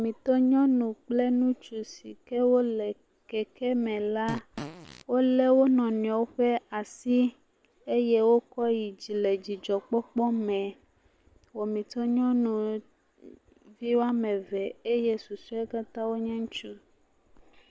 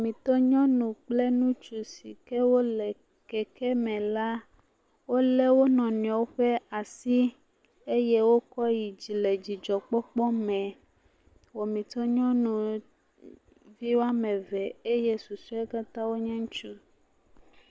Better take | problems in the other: second | background sound (Fart); 13 dB below the speech

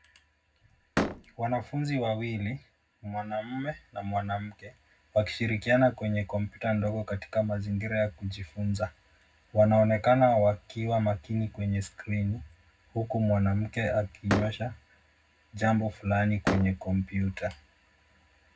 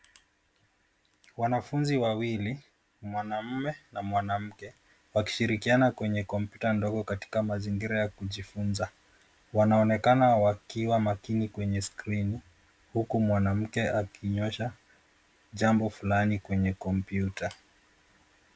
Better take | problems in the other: second | background sound (Slam); 5 dB below the speech // room echo; dies away in 0.3 s

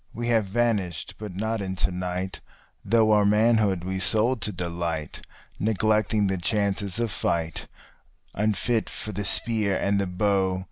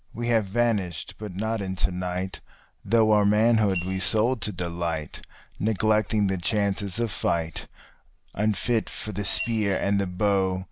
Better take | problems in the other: first | background sound (Coin (dropping) / Glass); 14 dB below the speech

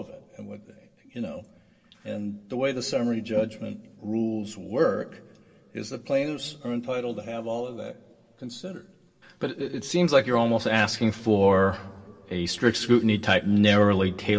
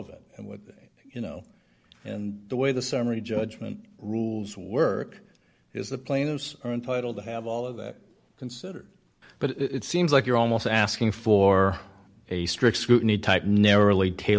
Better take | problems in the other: second | room echo; dies away in 2.2 s

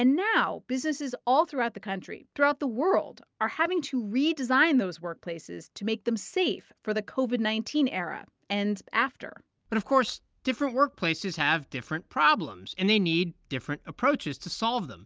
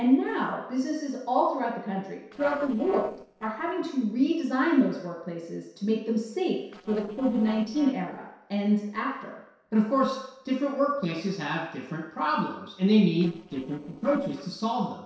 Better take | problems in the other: first | noise reduction (neural separator model SepFormer DNS4)

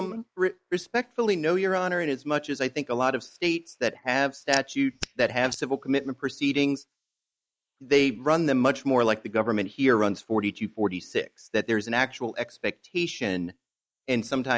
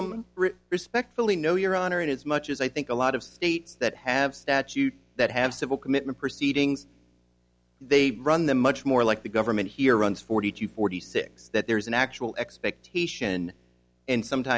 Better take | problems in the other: second | noise reduction (neural mask model Resemble Enhance denoiser)

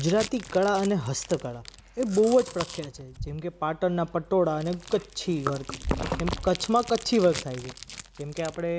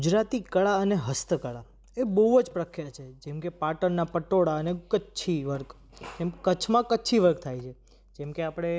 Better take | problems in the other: second | background sound (Chewing, mastication); 11 dB below the speech

